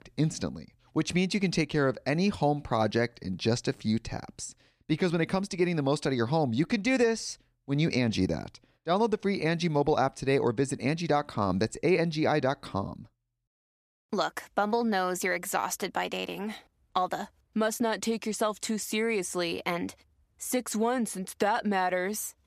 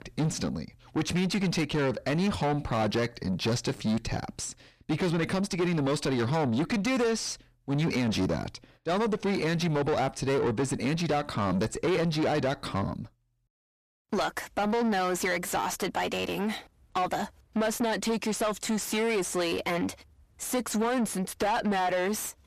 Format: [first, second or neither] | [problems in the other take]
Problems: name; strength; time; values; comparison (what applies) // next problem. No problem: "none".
first | distortion; heavy; 7 dB below the speech